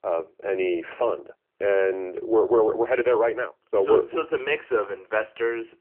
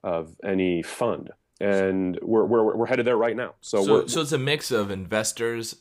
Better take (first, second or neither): second